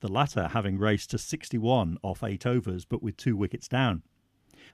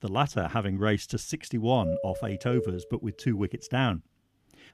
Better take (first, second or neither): first